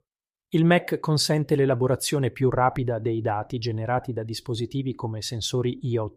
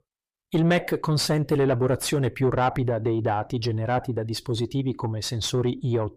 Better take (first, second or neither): first